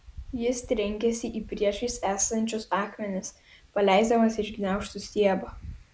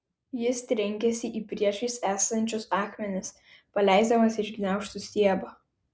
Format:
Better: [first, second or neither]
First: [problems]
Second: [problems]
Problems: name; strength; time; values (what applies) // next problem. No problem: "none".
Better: second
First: background sound (Wind); 19 dB below the speech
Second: none